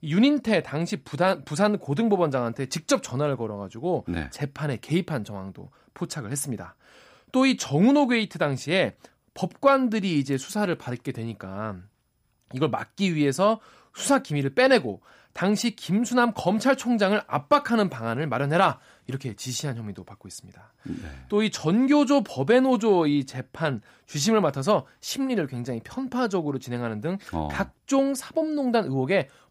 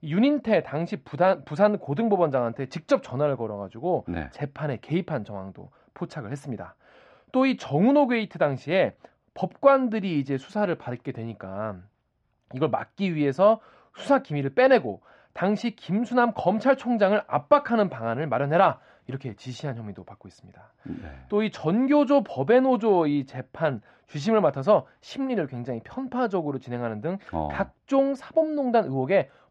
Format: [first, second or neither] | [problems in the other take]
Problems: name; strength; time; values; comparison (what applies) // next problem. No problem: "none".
first | muffled; very; fading above 3 kHz